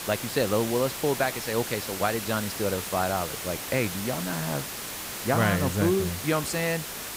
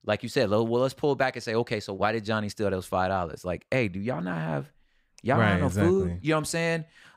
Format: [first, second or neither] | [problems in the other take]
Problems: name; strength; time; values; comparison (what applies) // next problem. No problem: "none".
second | hiss; loud; throughout; 5 dB below the speech